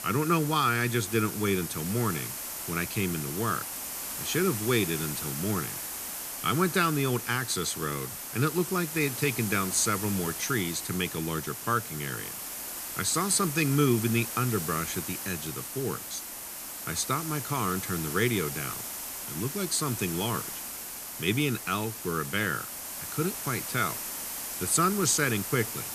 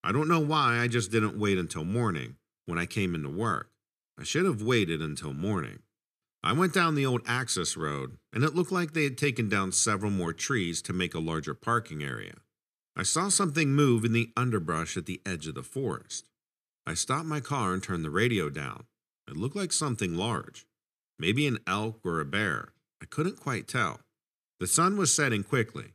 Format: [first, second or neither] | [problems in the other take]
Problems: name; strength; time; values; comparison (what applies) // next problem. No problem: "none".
second | hiss; loud; throughout; 5 dB below the speech